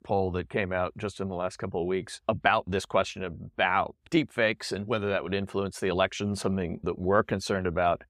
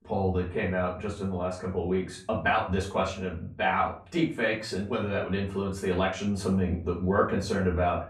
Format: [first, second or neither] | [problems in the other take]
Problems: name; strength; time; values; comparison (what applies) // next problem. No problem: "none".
first | off-mic speech; far // room echo; slight; dies away in 0.4 s